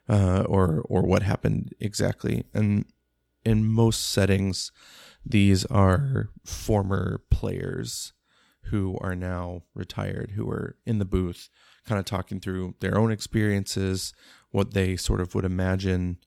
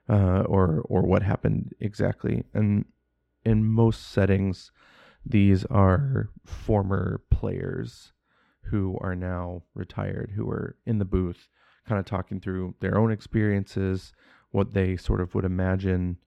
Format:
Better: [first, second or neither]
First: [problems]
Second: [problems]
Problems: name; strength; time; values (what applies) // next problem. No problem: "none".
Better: first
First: none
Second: muffled; very; fading above 4 kHz